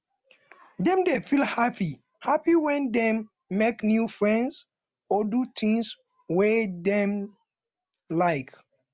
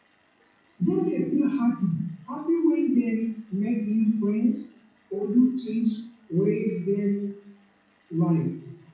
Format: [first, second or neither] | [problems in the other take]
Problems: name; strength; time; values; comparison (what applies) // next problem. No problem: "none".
first | noise reduction (classical method WPE with log-MMSE)